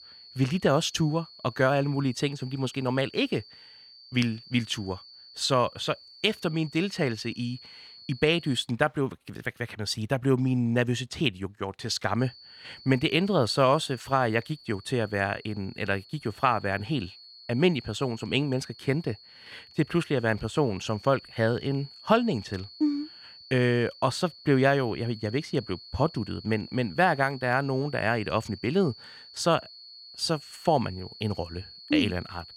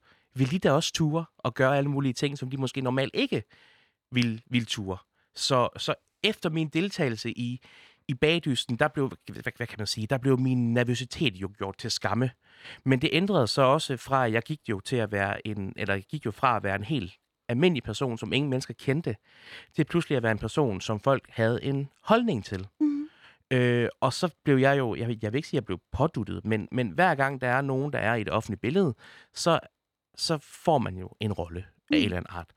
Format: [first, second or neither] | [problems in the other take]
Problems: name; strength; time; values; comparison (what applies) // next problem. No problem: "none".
second | high-pitched whine; noticeable; until 8.5 s and from 12 s on; 4.5 kHz, 20 dB below the speech